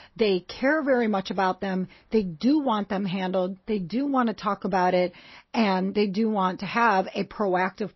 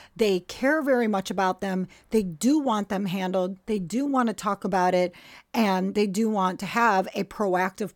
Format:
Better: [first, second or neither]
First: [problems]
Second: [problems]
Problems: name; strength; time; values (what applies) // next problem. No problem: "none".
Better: second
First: garbled, watery; slightly; nothing above 5.5 kHz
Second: none